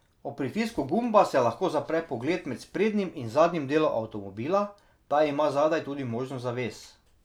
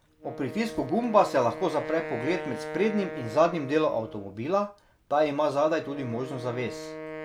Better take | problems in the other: first | background sound (Wind instrument, woodwind instrument); 11 dB below the speech

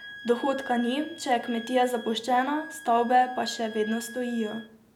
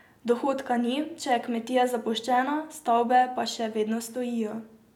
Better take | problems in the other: second | background sound (Wind instrument, woodwind instrument); 16 dB below the speech

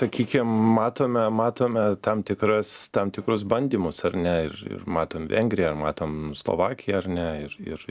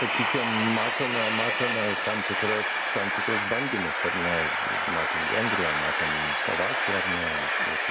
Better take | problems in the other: first | background sound (Train); 5 dB above the speech

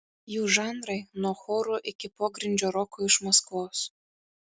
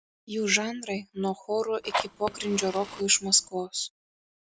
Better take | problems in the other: first | background sound (Fire); 7 dB below the speech

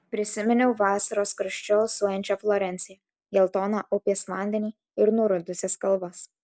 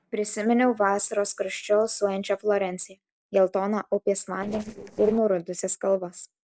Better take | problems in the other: first | noise reduction (neural separator model SepFormer DNS4)

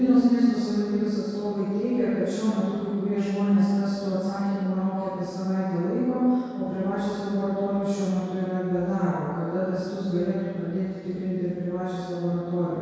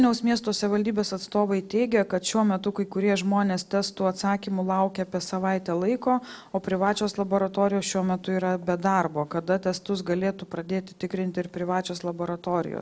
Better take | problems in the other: second | room echo; dies away in 2 s

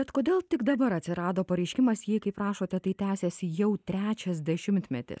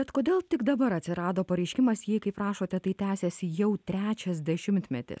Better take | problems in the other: second | noise reduction (neural mask model DeepFilterNet 3)

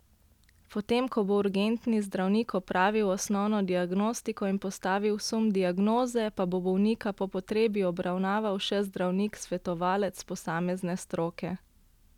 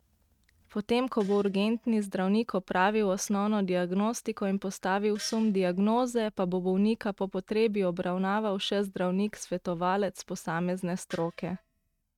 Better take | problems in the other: first | noise reduction (neural mask model RNNoise)

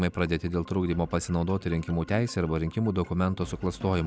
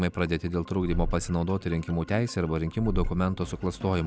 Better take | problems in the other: first | background sound (Purr); 6 dB below the speech

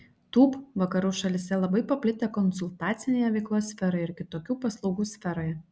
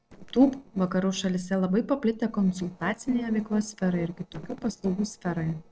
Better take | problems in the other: first | noise reduction (neural separator model SepFormer DNS4)

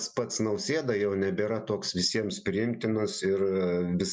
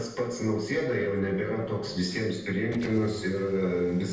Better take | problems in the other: first | noise reduction (neural separator model SepFormer DNS4)

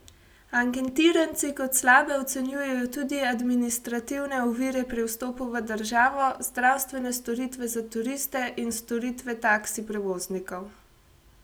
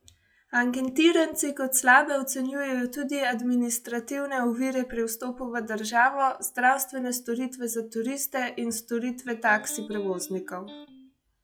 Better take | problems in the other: first | noise reduction (classical method log-MMSE)

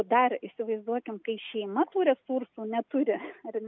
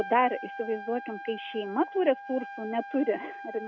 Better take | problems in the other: first | background sound (Trumpet); 12 dB below the speech

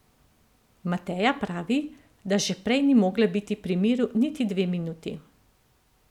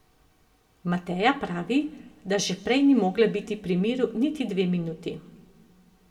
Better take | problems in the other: first | room echo; dies away in 0.9 s

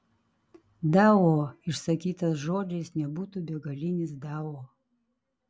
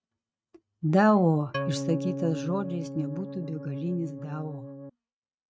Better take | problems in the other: first | noise reduction (neural mask model RNNoise)

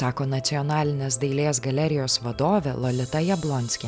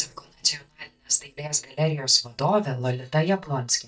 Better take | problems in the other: first | noise reduction (neural mask model DeepFilterNet 3)

